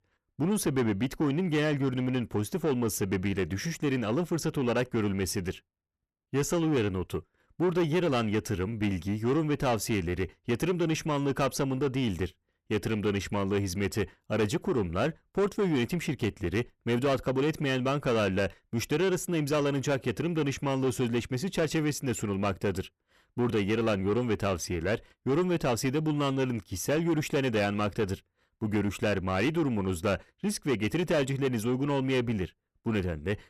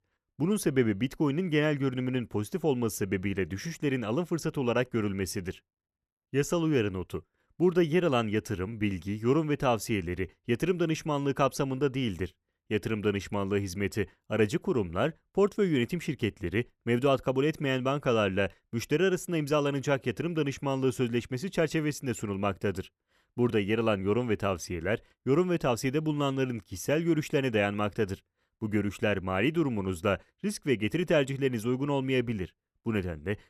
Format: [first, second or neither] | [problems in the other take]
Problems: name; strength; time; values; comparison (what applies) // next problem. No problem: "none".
second | distortion; slight; 10 dB below the speech